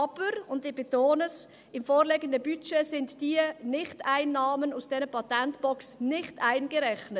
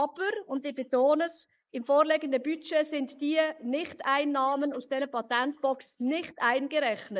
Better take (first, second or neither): first